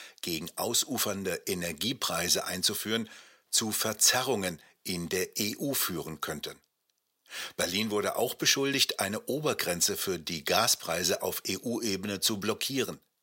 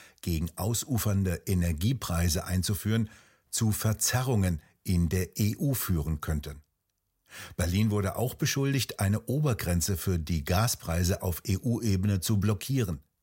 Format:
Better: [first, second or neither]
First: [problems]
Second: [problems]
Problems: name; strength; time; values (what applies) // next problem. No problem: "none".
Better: second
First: thin; somewhat; fading below 350 Hz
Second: none